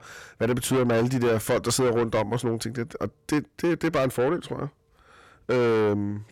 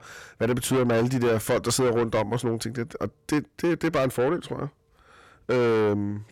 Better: neither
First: distortion; heavy; 7 dB below the speech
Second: distortion; heavy; 7 dB below the speech

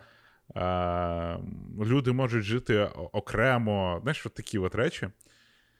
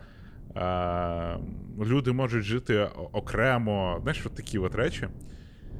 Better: first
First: none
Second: wind noise on the microphone; occasional gusts; 25 dB below the speech

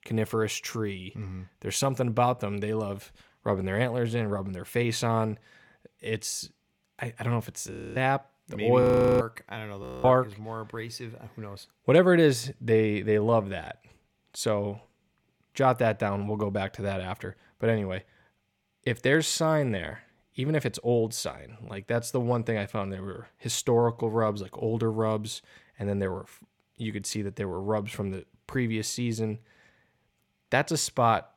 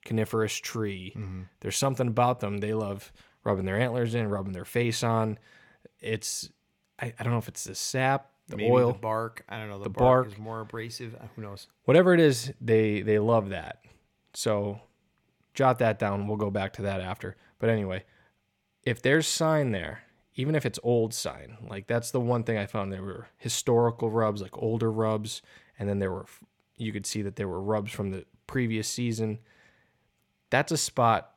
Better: second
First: audio freezing; at 7.5 s, at 9 s and at 10 s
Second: none

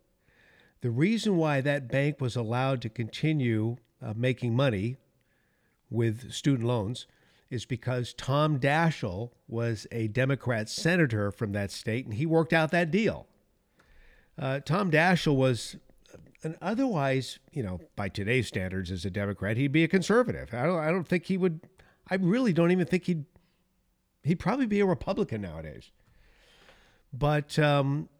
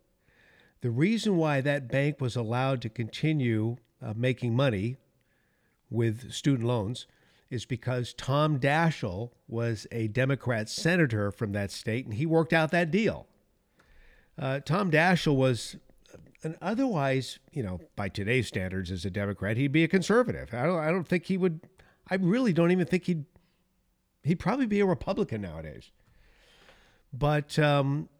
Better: neither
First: none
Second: none

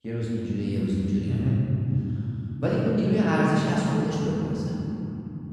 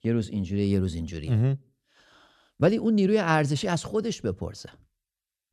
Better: second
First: room echo; strong; dies away in 3 s // off-mic speech; far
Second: none

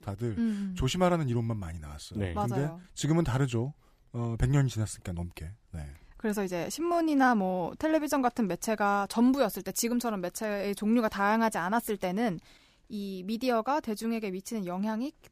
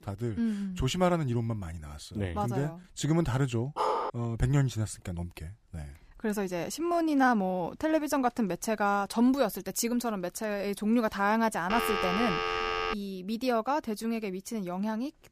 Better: first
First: none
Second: dog barking; loud; at 4 s; peak level with the speech // phone ringing; loud; from 12 to 13 s; peak 1 dB above the speech

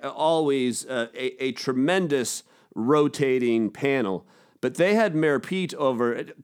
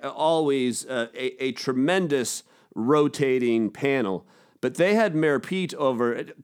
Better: neither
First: none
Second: none

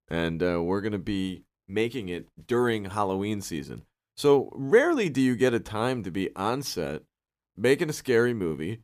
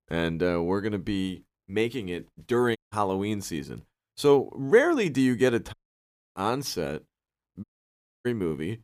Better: first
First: none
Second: audio cutting out; at 3 s, at 5.5 s for 0.5 s and at 7.5 s for 0.5 s

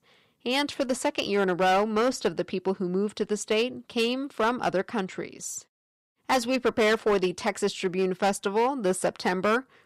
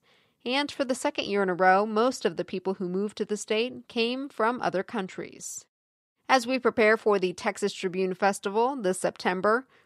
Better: second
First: distortion; slight; 7% of the sound clipped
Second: none

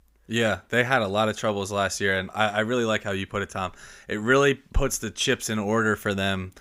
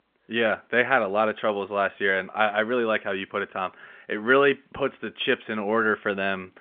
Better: first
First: none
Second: phone-call audio; nothing above 3.5 kHz

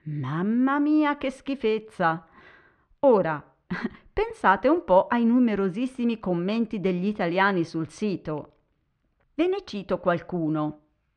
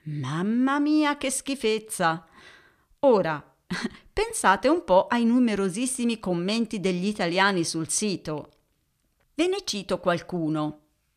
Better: second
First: muffled; very; fading above 2 kHz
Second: none

